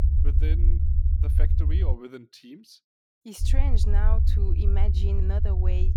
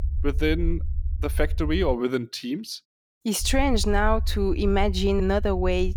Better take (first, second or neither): second